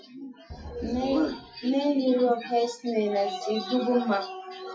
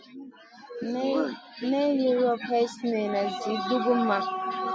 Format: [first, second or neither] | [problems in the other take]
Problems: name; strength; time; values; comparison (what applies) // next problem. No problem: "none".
second | noise reduction (classical method WPE with log-MMSE)